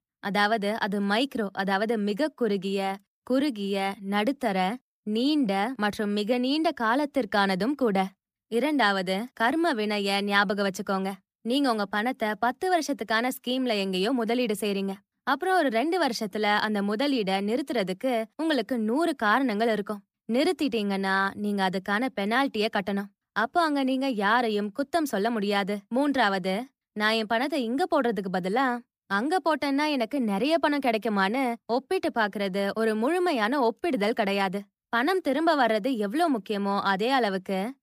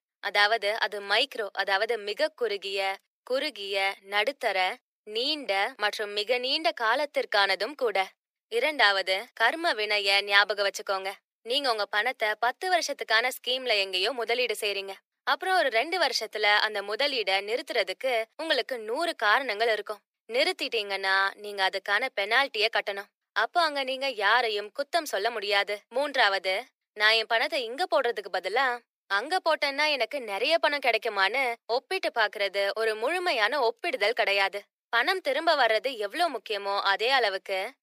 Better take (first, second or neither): first